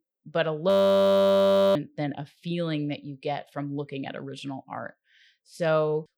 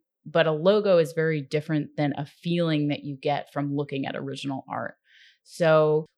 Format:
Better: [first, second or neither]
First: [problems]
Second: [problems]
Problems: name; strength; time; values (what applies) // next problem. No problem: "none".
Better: second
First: audio freezing; at 0.5 s for 1 s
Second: none